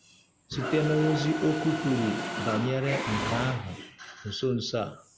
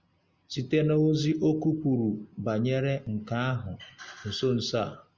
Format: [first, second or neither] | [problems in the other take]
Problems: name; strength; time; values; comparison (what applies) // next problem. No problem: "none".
second | background sound (Mechanisms); 6 dB below the speech